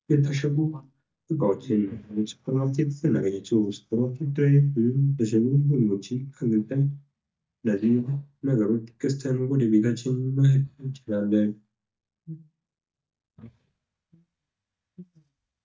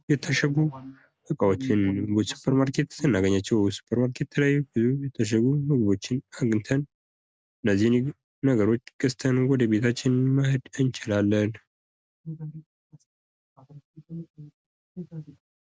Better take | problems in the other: second | noise reduction (neural mask model DeepFilterNet 3)

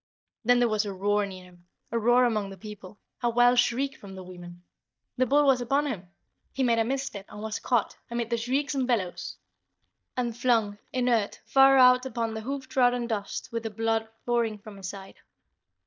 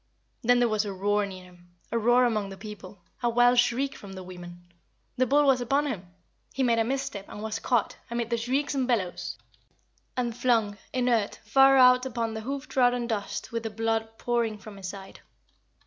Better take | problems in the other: second | noise reduction (neural mask model DeepFilterNet 3)

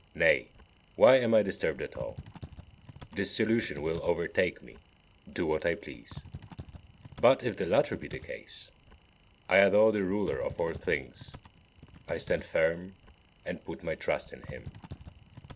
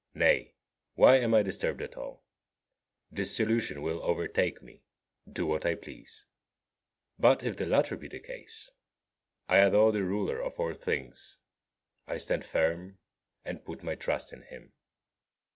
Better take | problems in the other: second | background sound (Typing); 19 dB below the speech

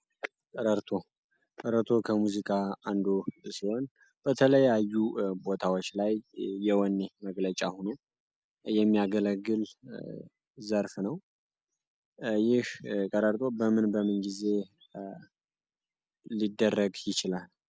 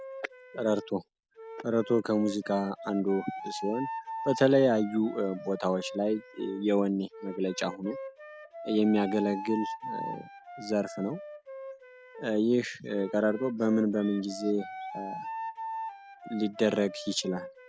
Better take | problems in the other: first | background sound (Wind instrument, woodwind instrument); 11 dB below the speech

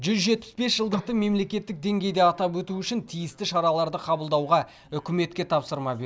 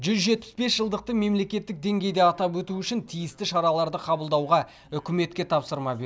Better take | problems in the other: second | noise reduction (neural mask model Resemble Enhance denoiser)

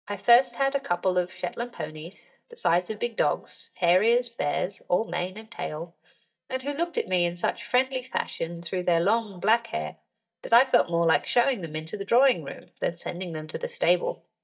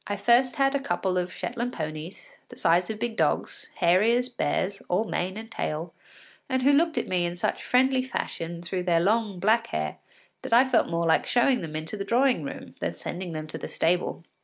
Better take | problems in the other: second | noise reduction (neural mask model DeepFilterNet 3)

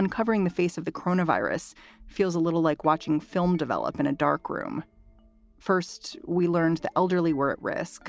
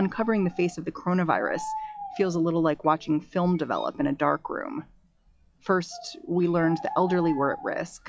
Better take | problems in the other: first | noise reduction (classical method log-MMSE)

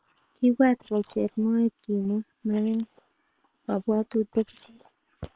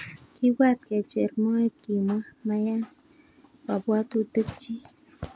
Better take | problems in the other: second | noise reduction (neural separator model SepFormer WHAM!)

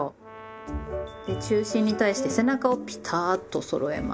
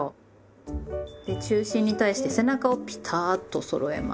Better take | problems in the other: second | background sound (Brass instrument); 18 dB below the speech

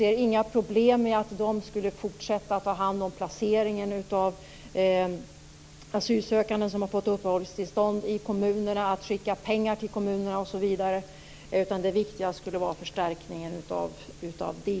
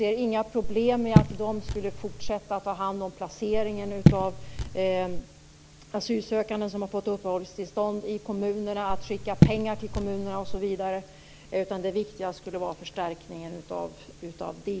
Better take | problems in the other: first | background sound (Raindrop / Drip); 4 dB above the speech

